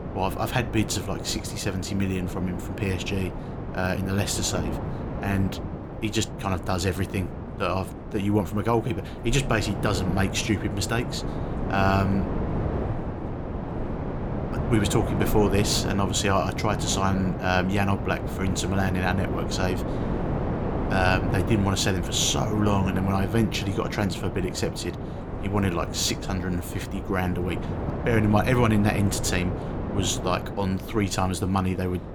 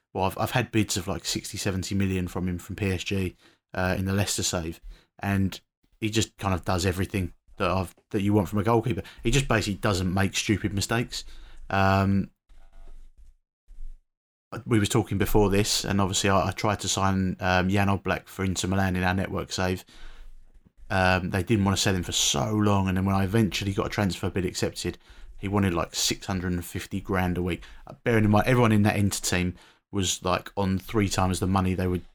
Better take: second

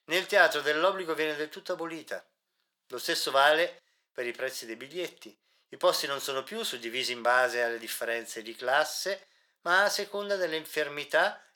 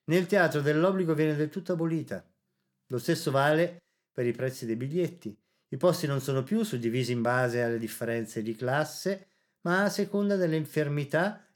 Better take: second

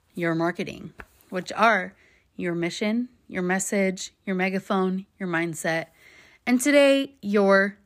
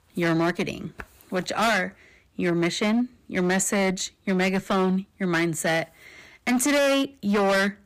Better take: first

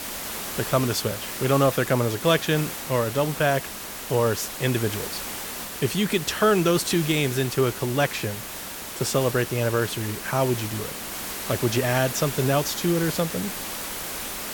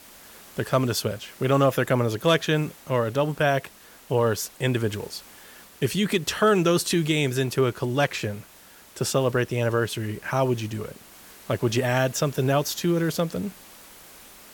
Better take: second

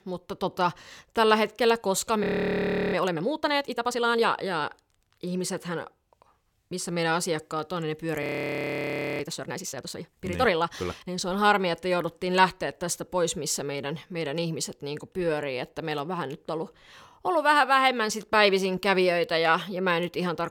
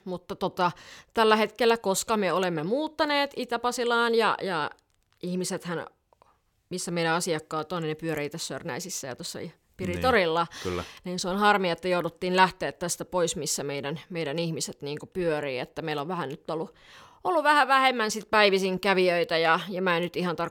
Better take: second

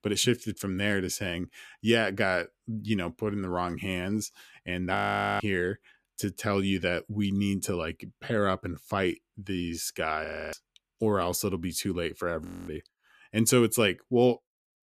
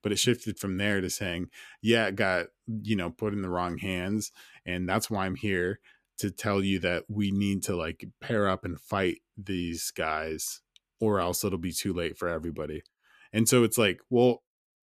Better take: second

